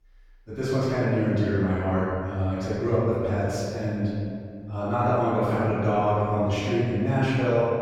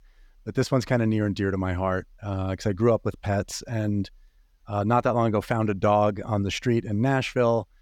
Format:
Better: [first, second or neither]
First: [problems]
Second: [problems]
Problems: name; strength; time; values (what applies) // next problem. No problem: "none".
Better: second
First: room echo; strong; dies away in 2.2 s // off-mic speech; far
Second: none